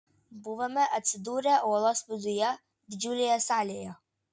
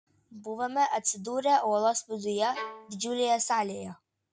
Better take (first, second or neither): first